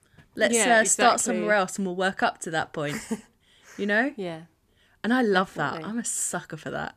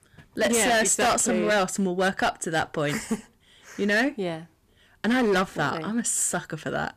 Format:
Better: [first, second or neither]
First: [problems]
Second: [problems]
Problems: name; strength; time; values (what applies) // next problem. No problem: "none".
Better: first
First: none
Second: distortion; heavy; 10% of the sound clipped